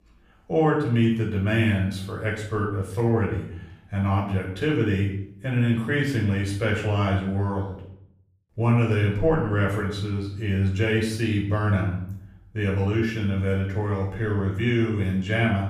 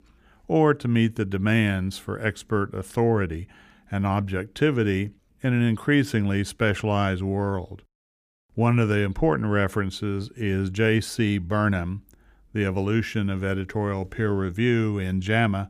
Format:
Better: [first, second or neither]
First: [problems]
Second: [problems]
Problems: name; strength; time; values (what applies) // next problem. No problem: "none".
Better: second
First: off-mic speech; far // room echo; noticeable; dies away in 0.6 s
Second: none